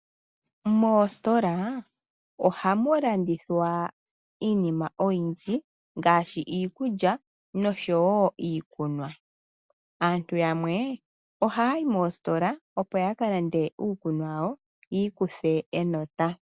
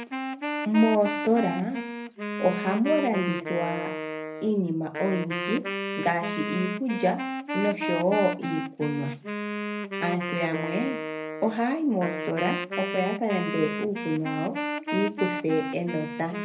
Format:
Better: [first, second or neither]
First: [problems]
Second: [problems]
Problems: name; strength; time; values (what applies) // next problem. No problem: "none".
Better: first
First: none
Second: background sound (Wind instrument, woodwind instrument); 4 dB below the speech // room echo; dies away in 0.3 s